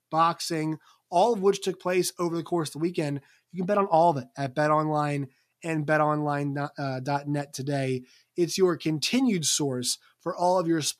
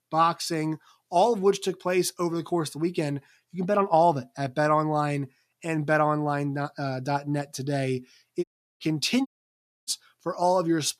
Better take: first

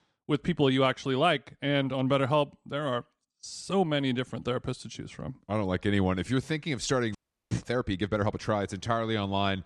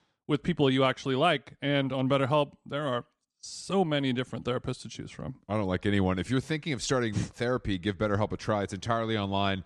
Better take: second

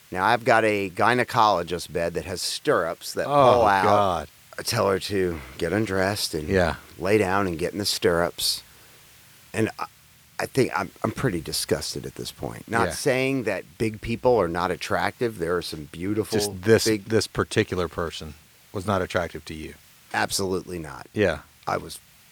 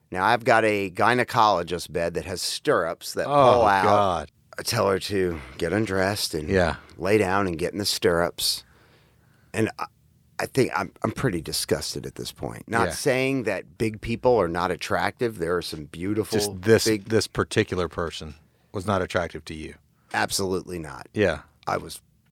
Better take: second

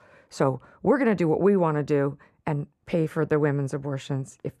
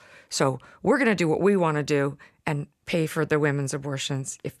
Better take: second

